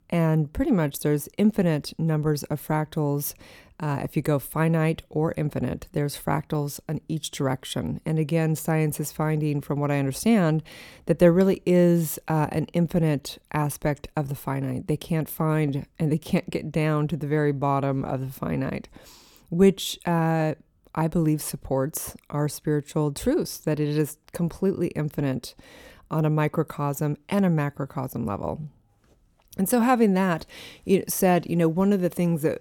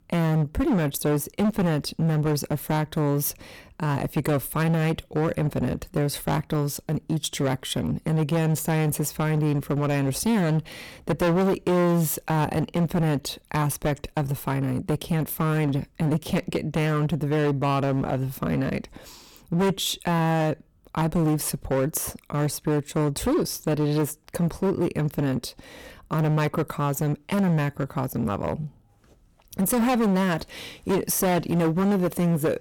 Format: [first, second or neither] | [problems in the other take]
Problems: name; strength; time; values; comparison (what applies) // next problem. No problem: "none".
first | distortion; heavy; 15% of the sound clipped